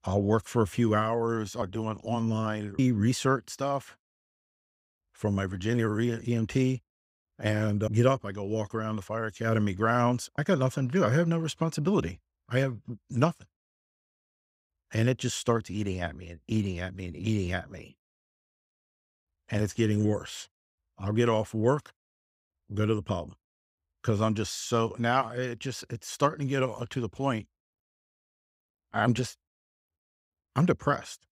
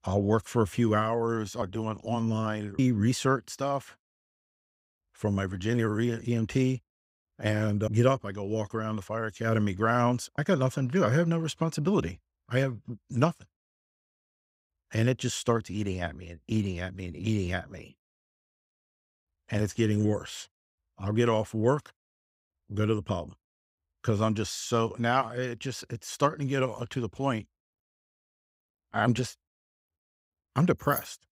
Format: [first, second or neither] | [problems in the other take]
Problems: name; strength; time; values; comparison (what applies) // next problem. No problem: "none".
first | jangling keys; noticeable; at 31 s; peak 9 dB below the speech